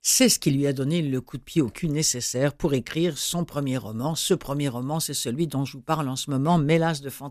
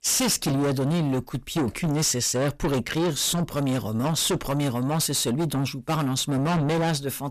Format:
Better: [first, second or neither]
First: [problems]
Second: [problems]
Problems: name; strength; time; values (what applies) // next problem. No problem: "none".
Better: first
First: none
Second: distortion; heavy; 5 dB below the speech